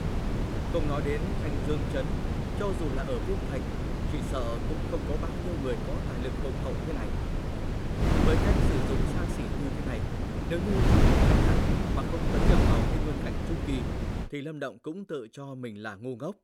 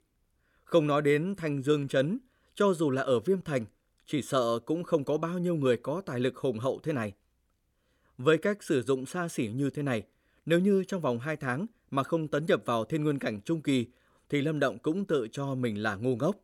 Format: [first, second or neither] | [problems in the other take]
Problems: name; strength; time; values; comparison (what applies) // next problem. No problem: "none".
second | wind noise on the microphone; heavy; until 14 s; 3 dB above the speech